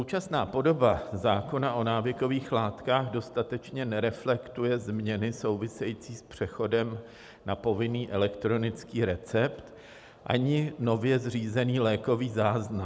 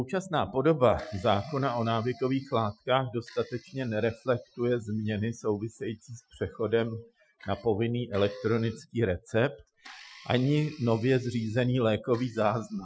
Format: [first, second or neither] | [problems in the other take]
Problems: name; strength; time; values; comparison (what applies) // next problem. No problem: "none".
first | noise reduction (classical method Wiener filter)